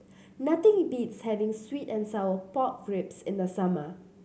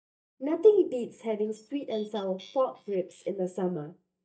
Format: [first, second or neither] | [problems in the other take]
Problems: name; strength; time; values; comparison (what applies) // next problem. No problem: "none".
first | noise reduction (neural mask model DeepFilterNet 3)